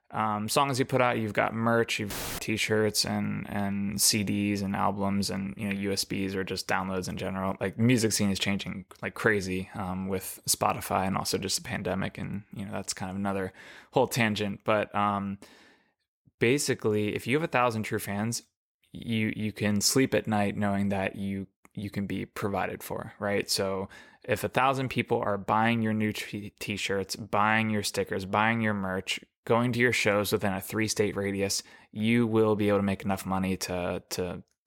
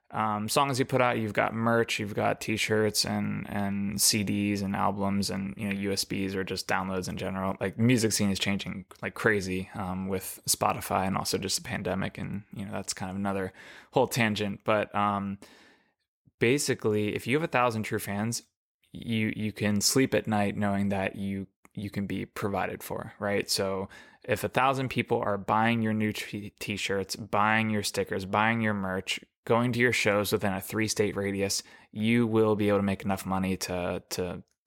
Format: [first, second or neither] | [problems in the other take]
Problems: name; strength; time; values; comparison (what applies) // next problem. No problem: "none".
second | audio cutting out; filled with static; at 2 s